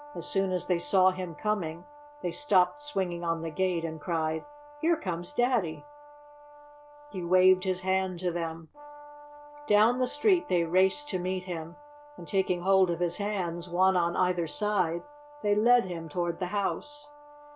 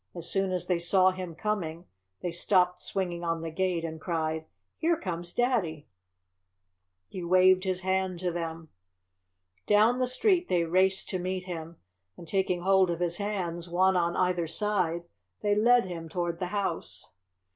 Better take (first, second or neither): second